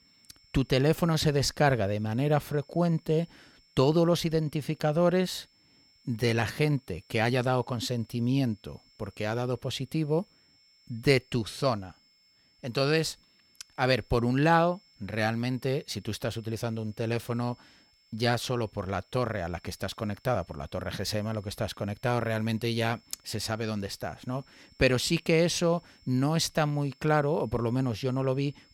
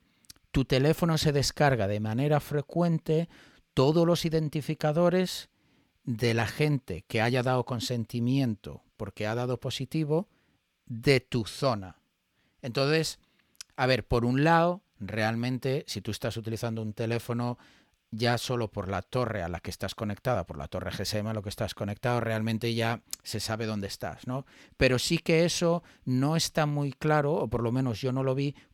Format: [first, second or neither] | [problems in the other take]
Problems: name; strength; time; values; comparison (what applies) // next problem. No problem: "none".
second | high-pitched whine; faint; throughout; 5.5 kHz, 30 dB below the speech